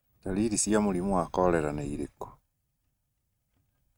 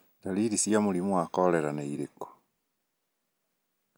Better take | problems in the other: second | noise reduction (neural mask model RNNoise)

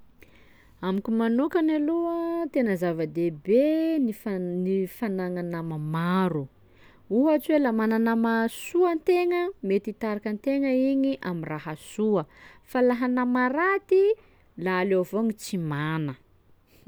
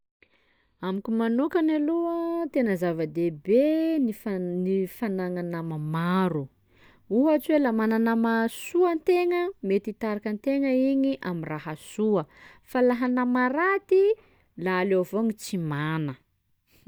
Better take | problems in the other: first | noise reduction (neural mask model DeepFilterNet 3)

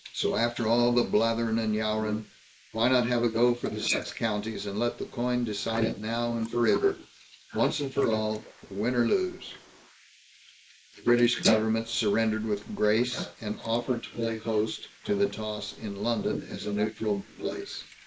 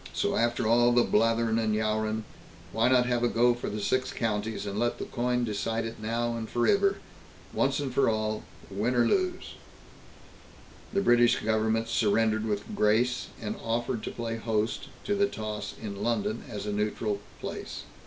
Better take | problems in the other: second | noise reduction (neural mask model Resemble Enhance denoiser)

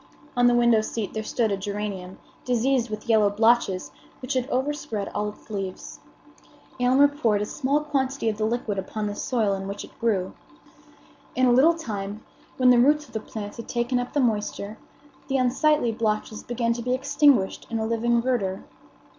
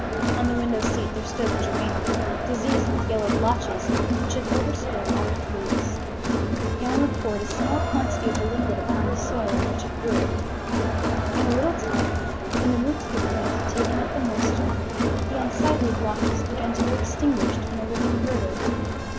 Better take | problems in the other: first | background sound (Crowd); 5 dB above the speech

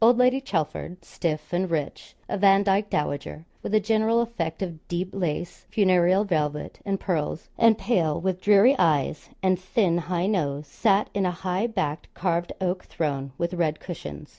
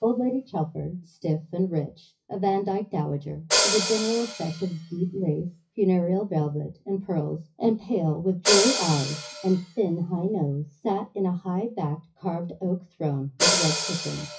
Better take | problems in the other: first | noise reduction (classical method WPE with log-MMSE)

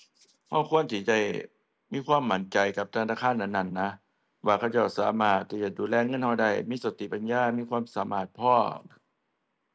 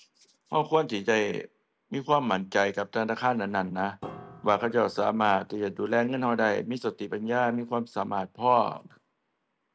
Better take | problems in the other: first | background sound (Piano); 19 dB below the speech

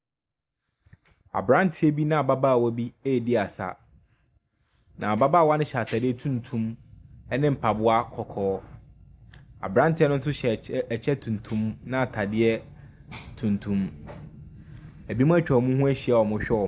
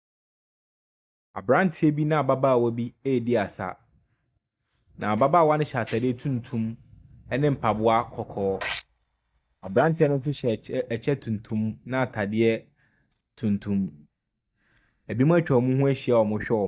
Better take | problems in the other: first | noise reduction (neural mask model DeepFilterNet 3)

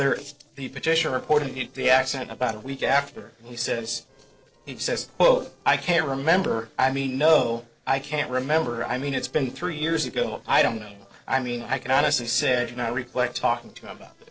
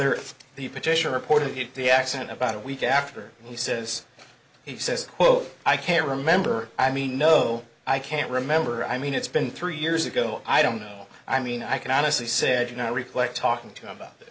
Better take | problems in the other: second | noise reduction (neural separator model SepFormer DNS4)

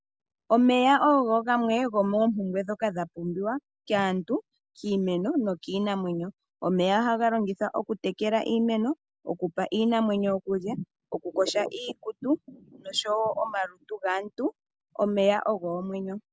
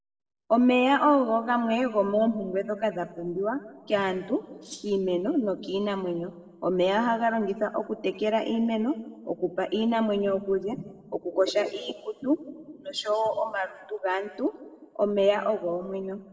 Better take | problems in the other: first | noise reduction (neural separator model SepFormer DNS4)

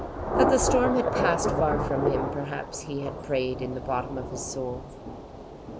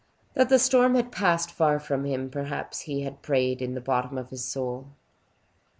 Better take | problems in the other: second | background sound (Thunder / Rain); as loud as the speech

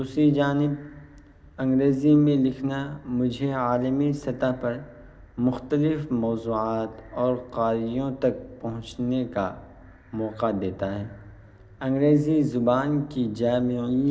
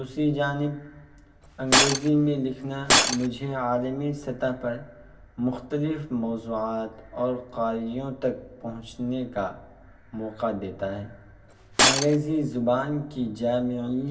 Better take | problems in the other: first | background sound (Shatter); 4 dB above the speech // room echo; dies away in 0.2 s

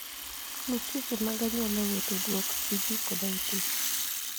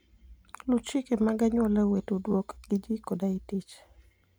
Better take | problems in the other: second | background sound (Rattle (instrument)); 2 dB above the speech

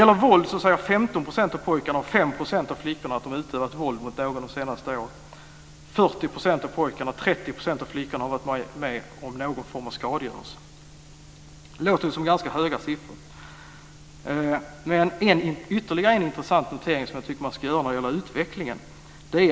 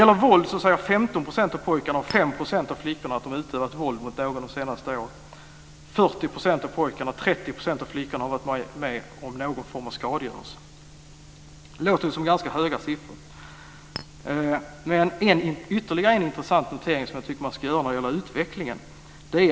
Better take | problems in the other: first | background sound (Chink, clink); 16 dB below the speech

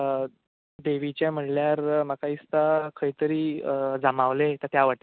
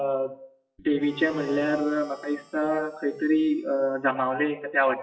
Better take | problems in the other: first | noise reduction (classical method WPE with log-MMSE)

